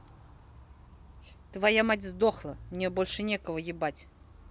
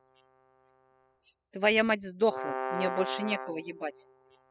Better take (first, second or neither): first